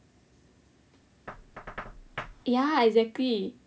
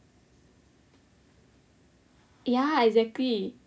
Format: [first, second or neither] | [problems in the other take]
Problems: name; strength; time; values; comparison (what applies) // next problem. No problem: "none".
second | background sound (Knock); 17 dB below the speech